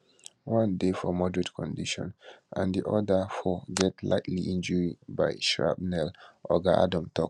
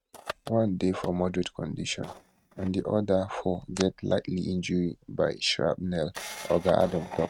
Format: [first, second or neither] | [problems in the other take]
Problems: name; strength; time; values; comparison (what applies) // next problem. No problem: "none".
first | noise reduction (neural mask model RNNoise)